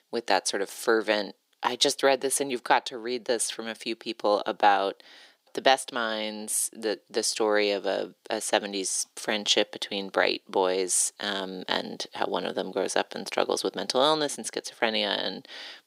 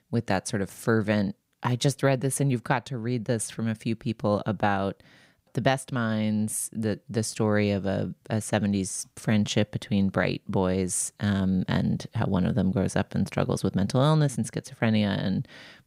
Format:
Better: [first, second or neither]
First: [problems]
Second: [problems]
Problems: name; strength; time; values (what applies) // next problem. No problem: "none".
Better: second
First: thin; very; fading below 350 Hz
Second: none